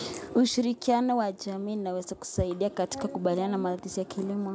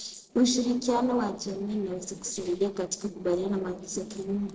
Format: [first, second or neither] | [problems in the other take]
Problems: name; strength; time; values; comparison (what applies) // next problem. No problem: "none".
first | noise reduction (neural separator model SepFormer DNS4)